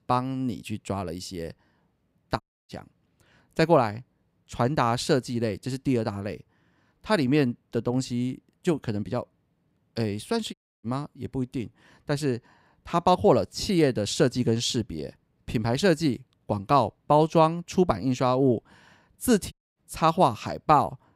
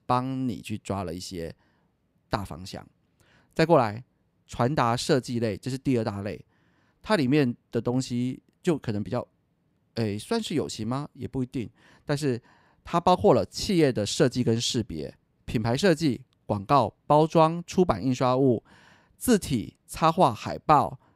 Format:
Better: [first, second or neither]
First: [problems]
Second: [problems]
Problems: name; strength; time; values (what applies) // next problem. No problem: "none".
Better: second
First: audio cutting out; at 2.5 s, at 11 s and at 20 s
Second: none